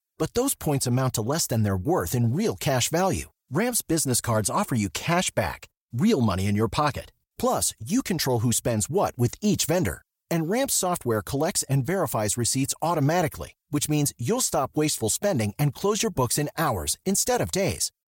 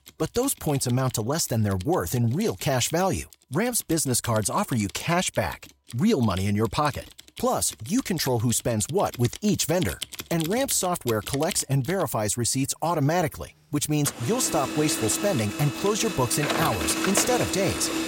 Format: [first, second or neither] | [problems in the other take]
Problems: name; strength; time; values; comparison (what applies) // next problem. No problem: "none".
first | household noises; loud; throughout; 8 dB below the speech